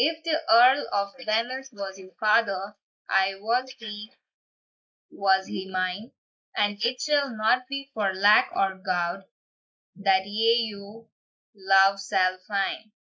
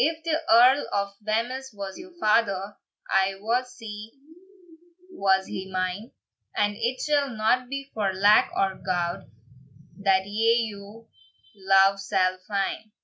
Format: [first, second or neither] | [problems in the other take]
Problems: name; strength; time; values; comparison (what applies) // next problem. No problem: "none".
second | noise reduction (neural mask model Resemble Enhance denoiser)